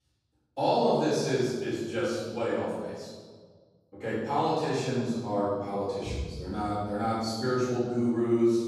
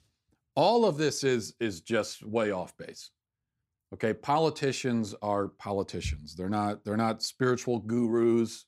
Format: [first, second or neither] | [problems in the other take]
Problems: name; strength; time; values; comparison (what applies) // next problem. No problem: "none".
second | room echo; strong; dies away in 1.3 s // off-mic speech; far